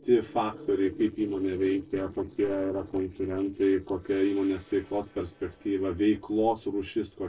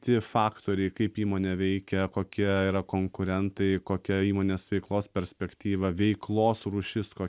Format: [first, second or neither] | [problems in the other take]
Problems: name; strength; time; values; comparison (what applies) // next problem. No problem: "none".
second | noise reduction (neural separator model SepFormer DNS4)